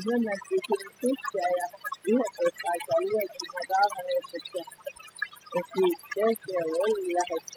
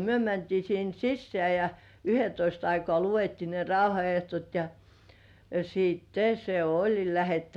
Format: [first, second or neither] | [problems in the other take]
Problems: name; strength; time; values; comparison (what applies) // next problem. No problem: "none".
second | noise reduction (classical method spectral subtraction)